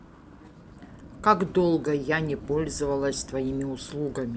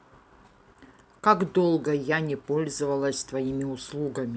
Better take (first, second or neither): second